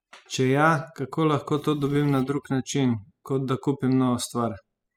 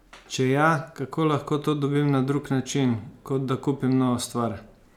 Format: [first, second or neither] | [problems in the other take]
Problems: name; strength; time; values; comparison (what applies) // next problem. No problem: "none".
second | noise reduction (classical method spectral subtraction)